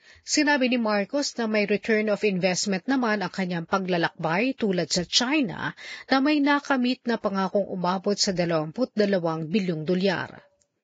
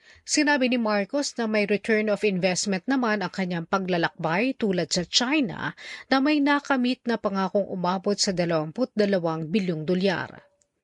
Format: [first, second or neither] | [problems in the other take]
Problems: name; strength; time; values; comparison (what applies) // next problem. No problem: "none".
second | garbled, watery; badly; nothing above 7.5 kHz; slightly in the second